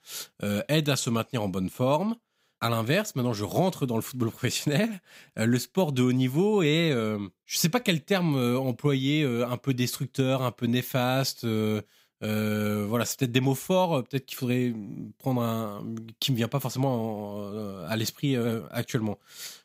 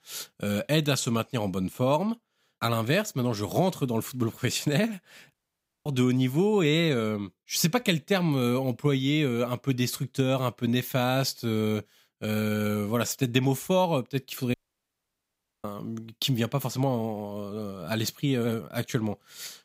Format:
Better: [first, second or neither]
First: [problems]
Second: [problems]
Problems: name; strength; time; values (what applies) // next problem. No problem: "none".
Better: first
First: none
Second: audio cutting out; at 5.5 s for 0.5 s and at 15 s for 1 s